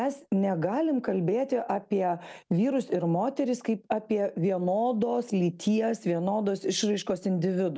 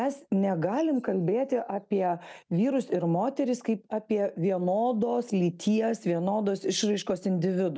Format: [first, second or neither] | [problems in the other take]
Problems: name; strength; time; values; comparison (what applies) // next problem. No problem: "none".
first | noise reduction (neural mask model DeepFilterNet 3)